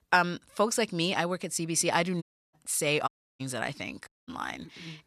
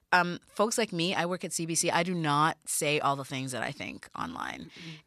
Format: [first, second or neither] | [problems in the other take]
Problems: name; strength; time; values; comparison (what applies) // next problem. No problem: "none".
second | audio cutting out; at 2 s, at 3 s and at 4 s